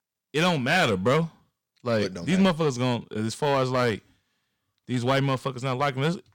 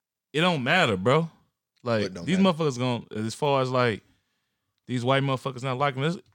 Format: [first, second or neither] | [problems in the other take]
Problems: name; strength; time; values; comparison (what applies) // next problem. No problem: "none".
second | distortion; slight; 4% of the sound clipped